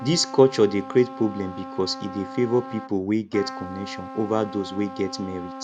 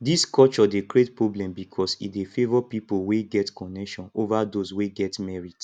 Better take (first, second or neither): second